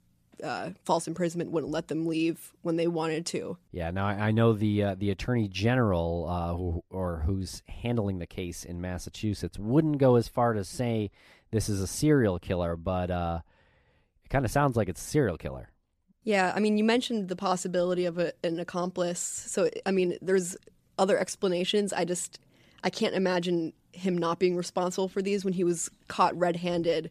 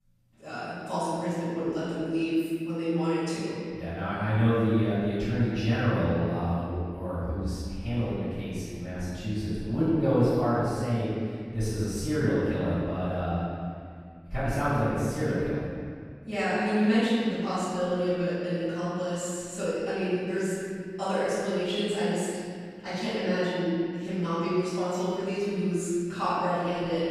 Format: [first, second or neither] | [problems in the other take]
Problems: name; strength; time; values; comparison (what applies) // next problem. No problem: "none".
first | off-mic speech; far // room echo; strong; dies away in 2.1 s